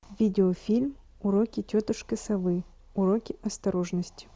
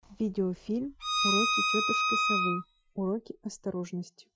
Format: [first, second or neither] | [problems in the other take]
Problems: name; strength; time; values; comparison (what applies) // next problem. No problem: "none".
first | noise reduction (classical method Wiener filter)